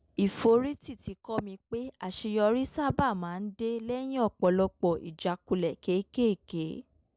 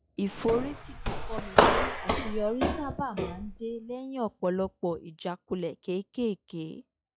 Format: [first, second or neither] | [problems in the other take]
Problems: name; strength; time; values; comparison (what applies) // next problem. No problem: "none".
first | noise reduction (classical method log-MMSE)